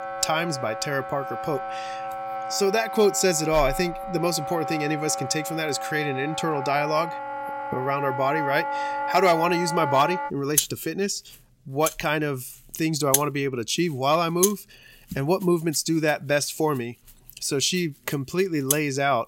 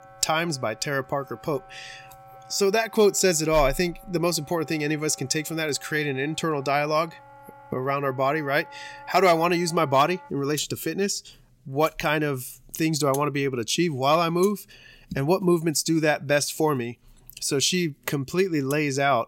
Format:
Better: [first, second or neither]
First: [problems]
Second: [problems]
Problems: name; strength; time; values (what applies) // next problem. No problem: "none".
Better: second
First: background music; loud; throughout; 5 dB below the speech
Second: background music; faint; throughout; 20 dB below the speech